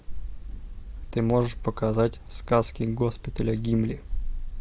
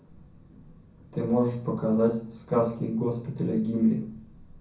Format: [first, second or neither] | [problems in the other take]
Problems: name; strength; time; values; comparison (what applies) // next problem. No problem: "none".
first | room echo; dies away in 0.6 s